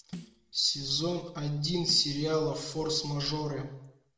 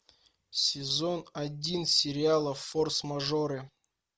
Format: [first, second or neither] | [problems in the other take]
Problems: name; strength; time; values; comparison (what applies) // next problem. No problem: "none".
second | background sound (Snare drum); 18 dB below the speech // room echo; dies away in 0.7 s